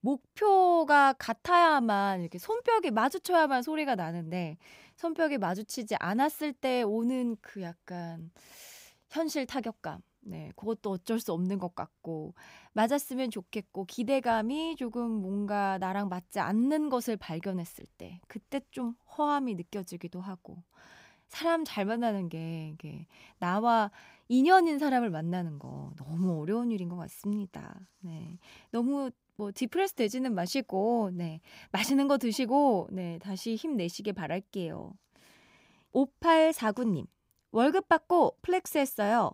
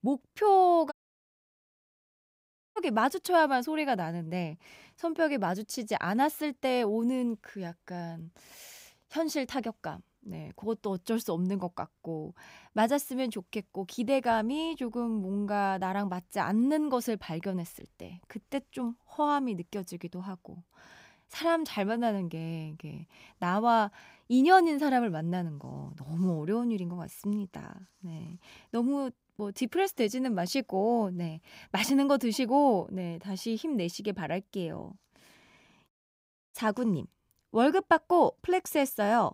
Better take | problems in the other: first | audio cutting out; at 1 s for 2 s and at 36 s for 0.5 s

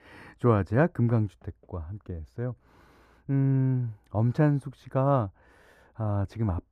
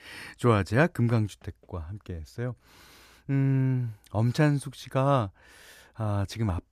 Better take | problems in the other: second | muffled; very; fading above 2 kHz

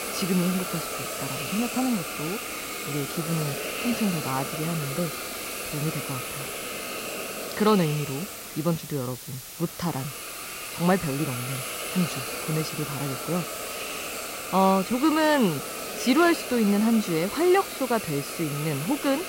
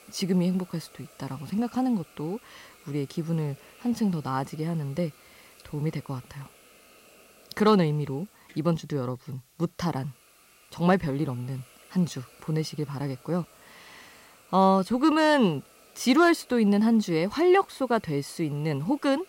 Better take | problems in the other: second | hiss; loud; throughout; 5 dB below the speech; faint in the second

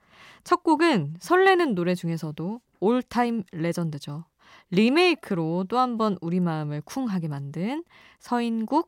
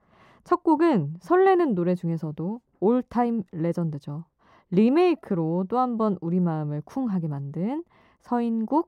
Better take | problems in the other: first | muffled; slightly; fading above 1.5 kHz

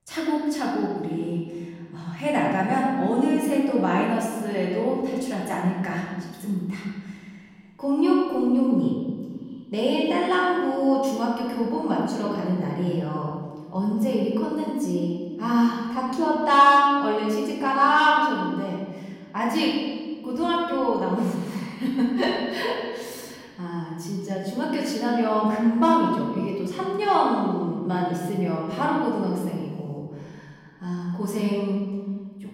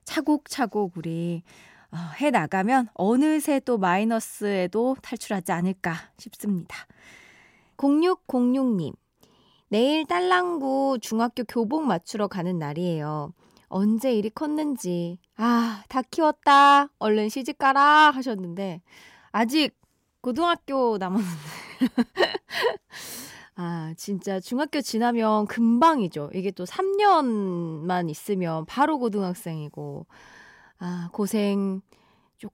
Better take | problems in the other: second | room echo; noticeable; dies away in 1.5 s // off-mic speech; far

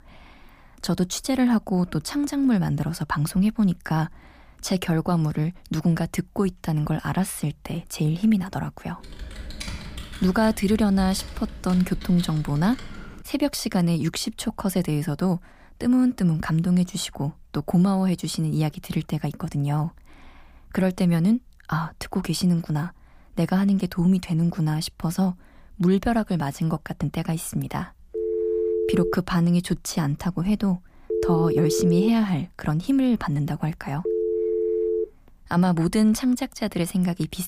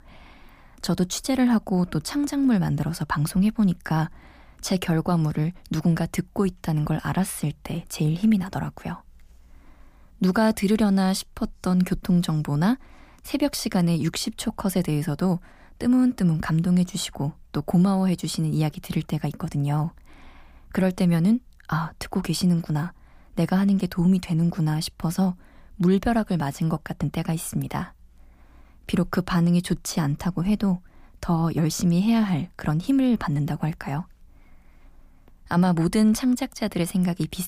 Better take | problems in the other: second | keyboard typing; noticeable; from 9 to 13 s; peak 10 dB below the speech // phone ringing; loud; from 28 to 35 s; peak level with the speech

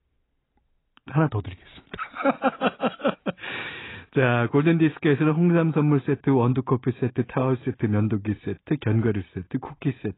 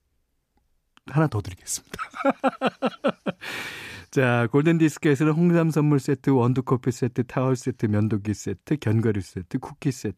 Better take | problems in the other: second | garbled, watery; badly; nothing above 4 kHz

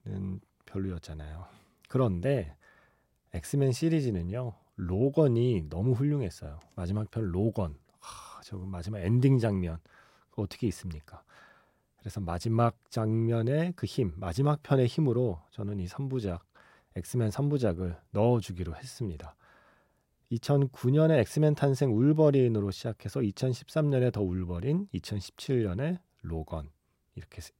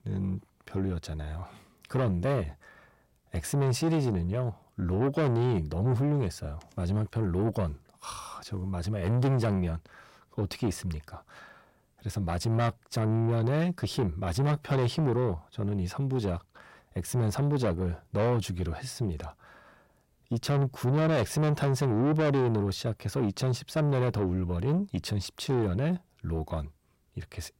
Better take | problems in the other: first | distortion; heavy; 8 dB below the speech

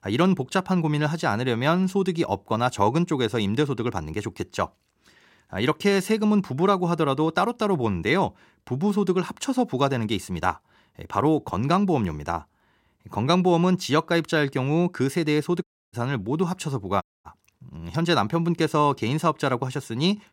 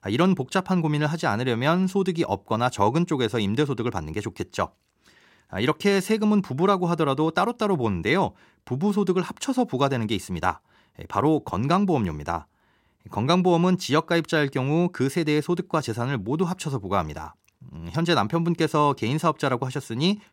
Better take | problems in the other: second | audio cutting out; at 16 s and at 17 s

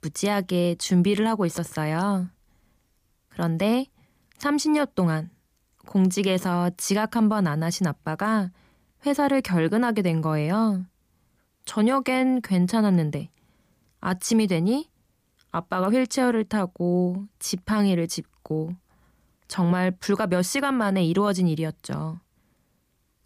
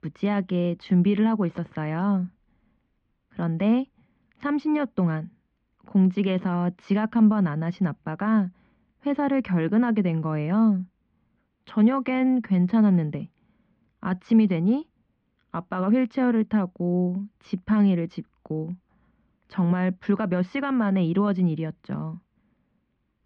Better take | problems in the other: first | muffled; very; fading above 3 kHz

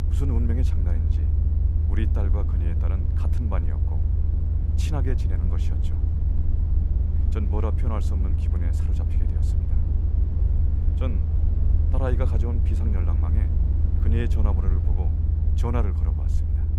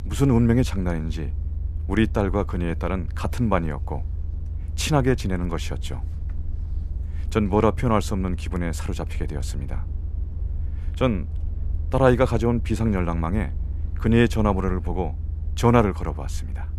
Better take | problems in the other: second | low rumble; loud; throughout; 3 dB below the speech; faint in the second

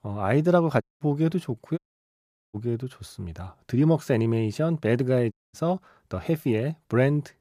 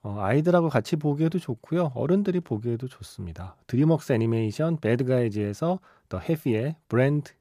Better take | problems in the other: second | audio cutting out; at 1 s, at 2 s for 0.5 s and at 5.5 s

